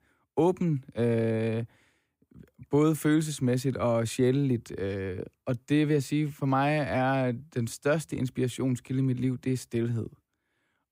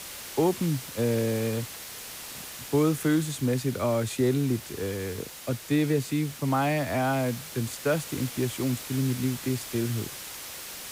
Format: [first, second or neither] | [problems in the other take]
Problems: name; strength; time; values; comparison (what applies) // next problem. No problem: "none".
first | hiss; noticeable; throughout; 10 dB below the speech